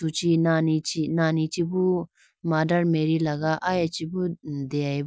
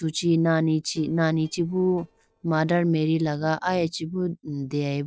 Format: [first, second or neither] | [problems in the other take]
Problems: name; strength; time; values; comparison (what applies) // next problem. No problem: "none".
first | noise reduction (neural separator model SepFormer DNS4)